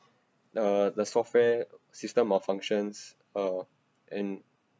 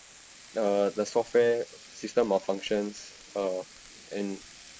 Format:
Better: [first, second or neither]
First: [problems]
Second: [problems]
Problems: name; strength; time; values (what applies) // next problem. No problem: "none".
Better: first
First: none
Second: noise reduction (neural mask model Resemble Enhance denoiser)